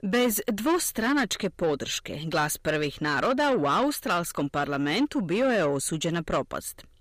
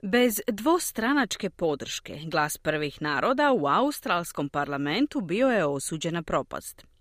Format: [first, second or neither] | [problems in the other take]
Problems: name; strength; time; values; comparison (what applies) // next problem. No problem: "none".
second | distortion; slight; 10 dB below the speech